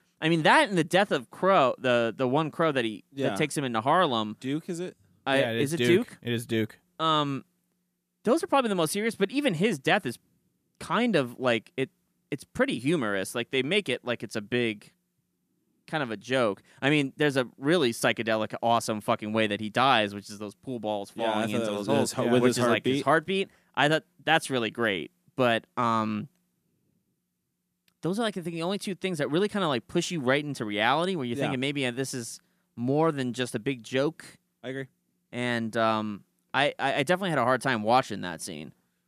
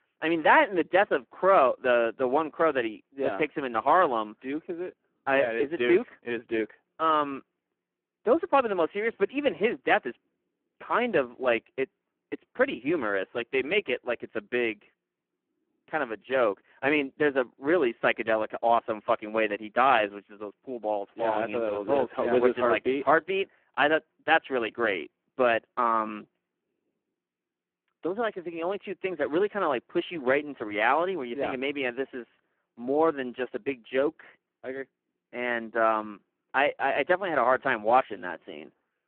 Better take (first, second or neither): first